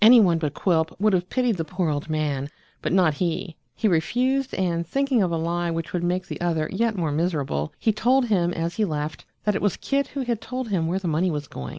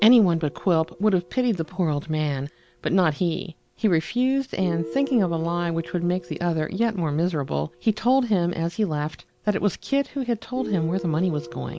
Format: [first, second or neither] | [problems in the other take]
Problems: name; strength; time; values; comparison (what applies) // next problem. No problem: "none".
first | background sound (Guitar); 17 dB below the speech